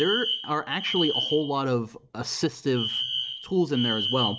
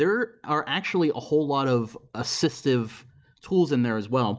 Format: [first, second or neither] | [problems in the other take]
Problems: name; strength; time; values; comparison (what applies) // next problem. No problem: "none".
second | background sound (Alarm); 4 dB below the speech